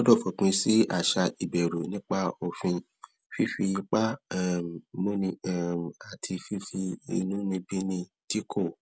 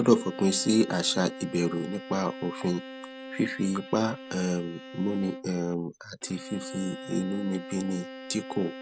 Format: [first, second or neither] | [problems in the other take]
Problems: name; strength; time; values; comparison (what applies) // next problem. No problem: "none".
first | background sound (Bowed string instrument); 13 dB below the speech